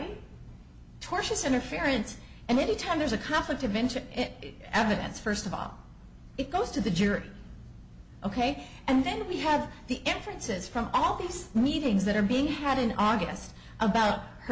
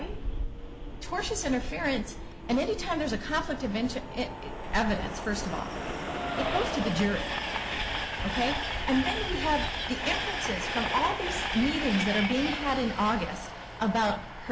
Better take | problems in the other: first | background sound (Train); 3 dB below the speech

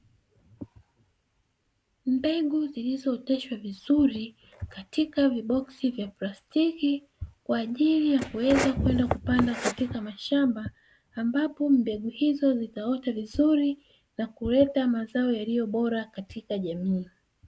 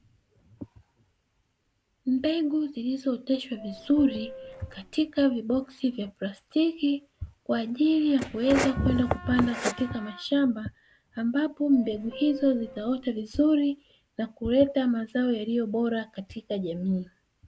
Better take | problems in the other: first | background sound (Subway, metro, underground / Doorbell + Wind instrument, woodwind instrument); 17 dB below the speech

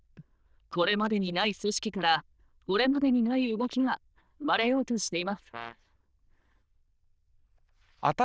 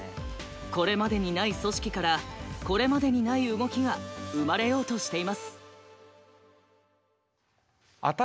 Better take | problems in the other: second | noise reduction (neural diffusion model UNIVERSE++)

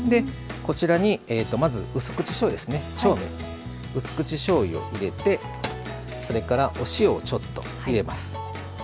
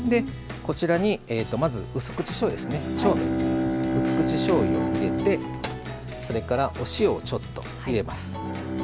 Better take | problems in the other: first | background sound (Bowed string instrument); 3 dB below the speech

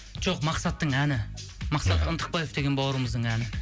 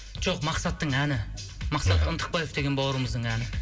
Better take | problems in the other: first | room echo; dies away in 0.3 s

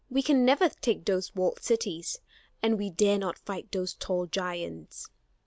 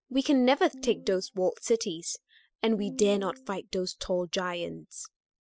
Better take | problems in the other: first | noise reduction (classical method spectral subtraction)

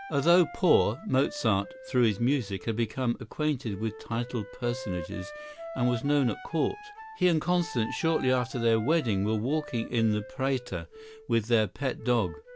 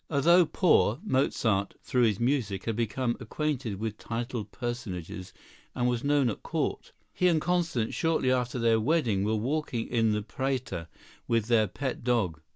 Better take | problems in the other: second | background sound (Wind instrument, woodwind instrument); 16 dB below the speech

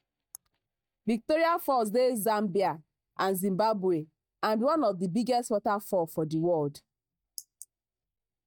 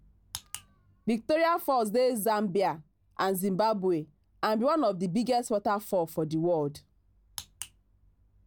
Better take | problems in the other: second | noise reduction (neural mask model DeepFilterNet 3)

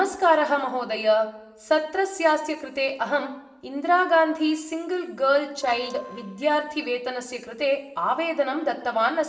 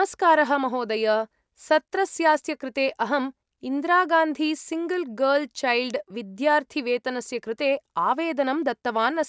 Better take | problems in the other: second | noise reduction (neural separator model SepFormer DNS4)

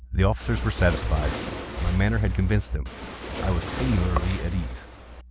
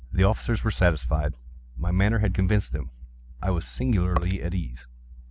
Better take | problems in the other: second | background sound (Waves, surf); 10 dB below the speech

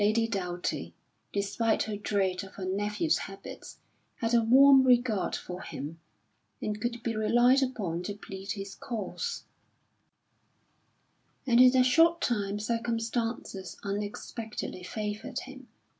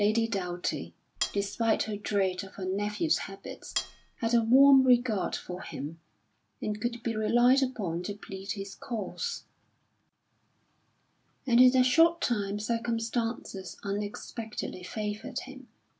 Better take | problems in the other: first | background sound (Cutlery, silverware); 9 dB below the speech

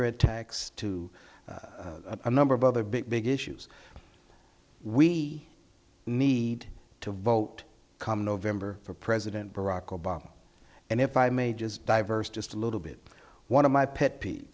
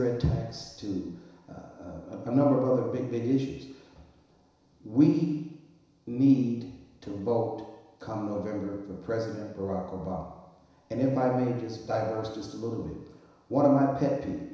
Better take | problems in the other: first | room echo; dies away in 1 s

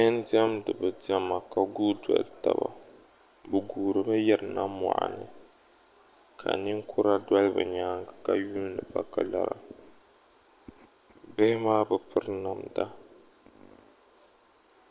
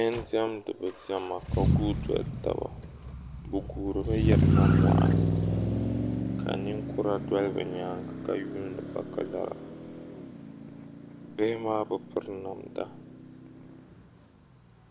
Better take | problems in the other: first | background sound (Motor vehicle (road)); 4 dB above the speech

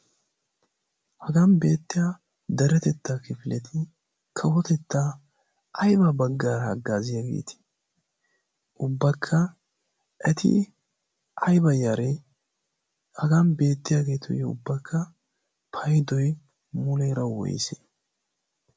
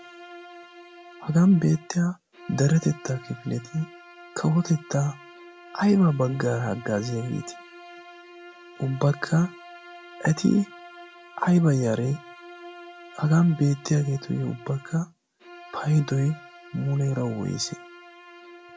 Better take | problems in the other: first | background sound (Bowed string instrument); 20 dB below the speech

